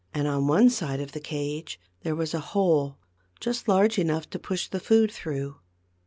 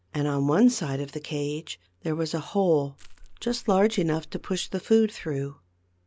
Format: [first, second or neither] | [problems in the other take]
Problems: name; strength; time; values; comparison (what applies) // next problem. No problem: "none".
first | background sound (Crushing); 17 dB below the speech